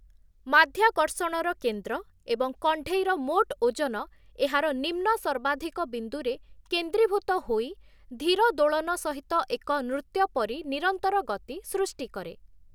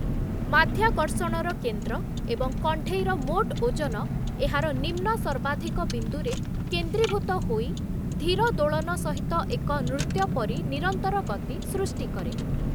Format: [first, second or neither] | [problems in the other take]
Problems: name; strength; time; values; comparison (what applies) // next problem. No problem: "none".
first | background sound (Car); 1 dB above the speech